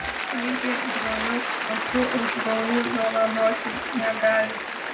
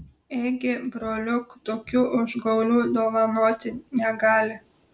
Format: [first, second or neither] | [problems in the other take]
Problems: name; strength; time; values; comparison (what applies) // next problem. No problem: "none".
second | background sound (Applause / Cheering); 2 dB below the speech // room echo; dies away in 0.3 s